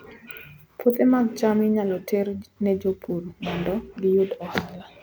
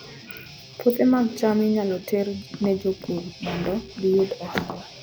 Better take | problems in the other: first | background sound (Tap + Guitar); 17 dB below the speech

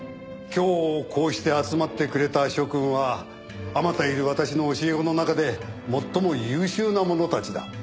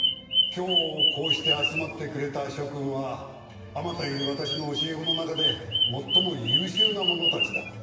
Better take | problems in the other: first | background sound (Bird vocalization, bird call, bird song); 4 dB above the speech // room echo; dies away in 1.3 s

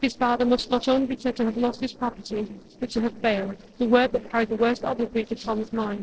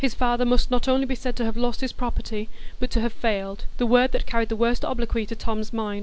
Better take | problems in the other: second | noise reduction (neural separator model SepFormer DNS4)

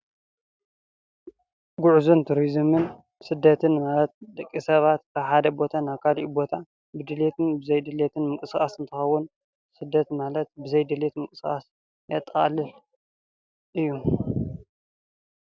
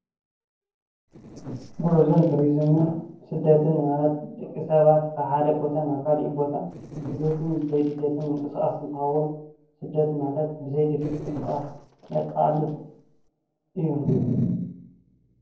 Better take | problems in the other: first | noise reduction (neural separator model SepFormer DNS4)

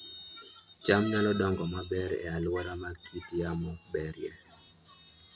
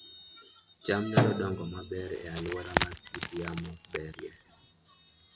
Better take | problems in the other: first | background sound (Wood + Drum); 3 dB above the speech

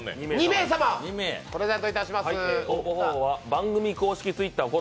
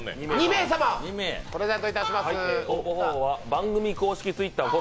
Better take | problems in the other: first | background sound (Fowl); 10 dB below the speech

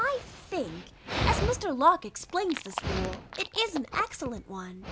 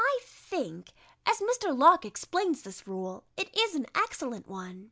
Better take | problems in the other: second | background sound (Dog); 5 dB below the speech

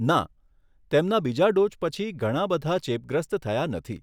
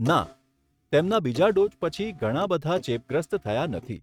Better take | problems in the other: first | noise reduction (neural mask model RNNoise)

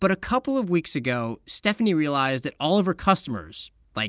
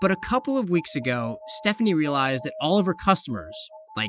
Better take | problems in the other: first | noise reduction (classical method Wiener filter)

